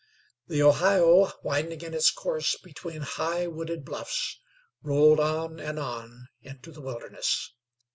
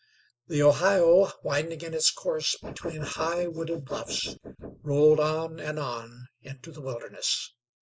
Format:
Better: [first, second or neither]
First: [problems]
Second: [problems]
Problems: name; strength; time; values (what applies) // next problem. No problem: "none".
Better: first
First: none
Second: noise reduction (neural mask model Resemble Enhance denoiser)